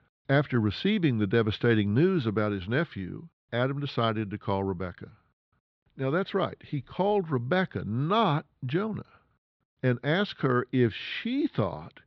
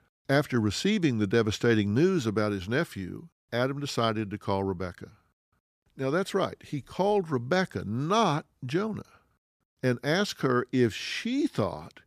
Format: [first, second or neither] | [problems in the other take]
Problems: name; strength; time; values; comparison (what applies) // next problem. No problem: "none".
second | muffled; slightly; fading above 4 kHz